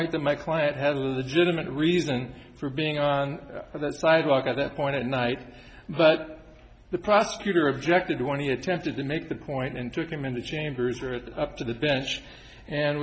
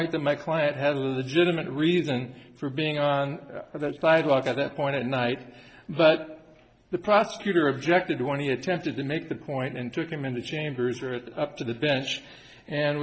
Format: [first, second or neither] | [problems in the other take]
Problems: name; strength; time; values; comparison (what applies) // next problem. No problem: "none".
first | noise reduction (neural separator model SepFormer DNS4)